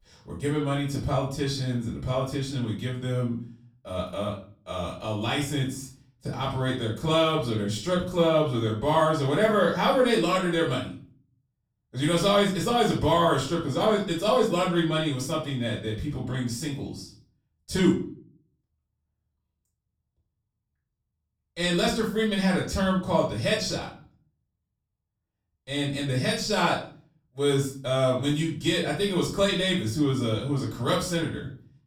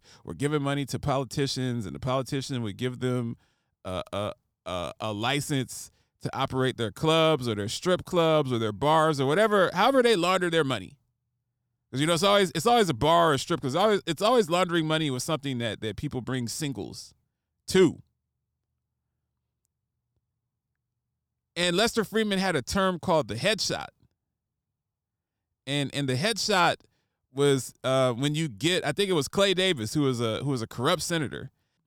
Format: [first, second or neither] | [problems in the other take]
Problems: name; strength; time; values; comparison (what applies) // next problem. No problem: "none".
second | off-mic speech; far // room echo; slight; dies away in 0.4 s